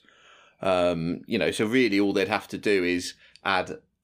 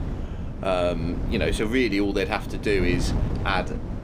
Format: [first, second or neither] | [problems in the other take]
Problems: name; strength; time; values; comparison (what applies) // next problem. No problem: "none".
first | wind noise on the microphone; occasional gusts; 10 dB below the speech